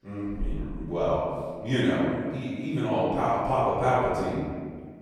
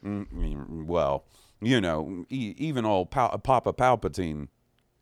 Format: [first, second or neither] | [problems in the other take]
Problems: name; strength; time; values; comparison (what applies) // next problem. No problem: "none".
second | room echo; strong; dies away in 1.7 s // off-mic speech; far